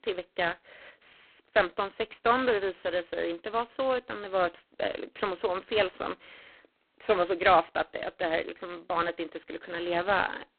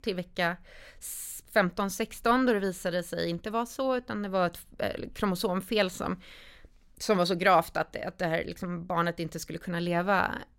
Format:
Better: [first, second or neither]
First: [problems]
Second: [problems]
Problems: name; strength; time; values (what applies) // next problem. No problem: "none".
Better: second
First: phone-call audio; poor line; nothing above 4 kHz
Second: none